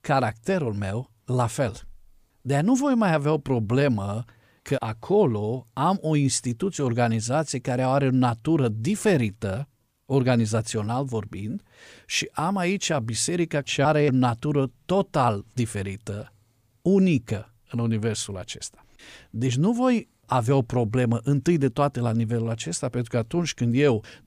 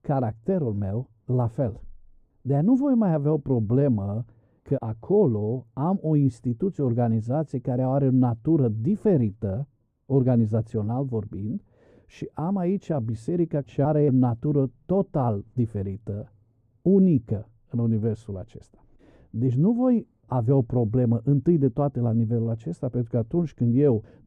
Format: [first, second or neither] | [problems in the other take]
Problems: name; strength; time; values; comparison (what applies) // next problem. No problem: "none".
first | muffled; very; fading above 1 kHz